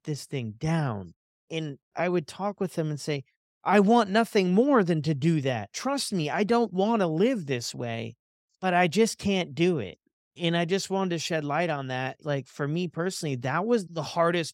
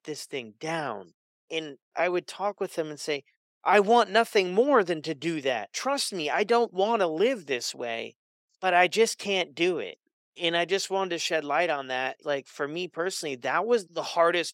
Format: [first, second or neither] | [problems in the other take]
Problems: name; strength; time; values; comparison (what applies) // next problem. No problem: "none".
first | thin; somewhat; fading below 450 Hz